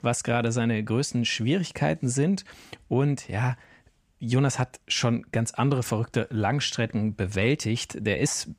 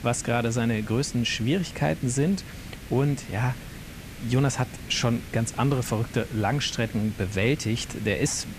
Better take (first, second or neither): first